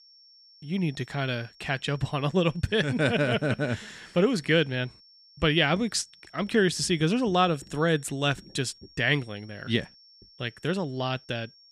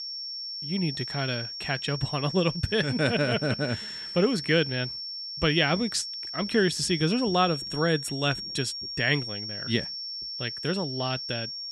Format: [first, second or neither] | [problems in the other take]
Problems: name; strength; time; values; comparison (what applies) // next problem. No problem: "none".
first | high-pitched whine; loud; throughout; 5.5 kHz, 6 dB below the speech; faint in the first